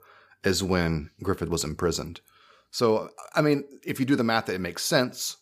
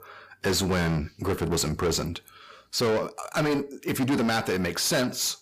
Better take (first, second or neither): first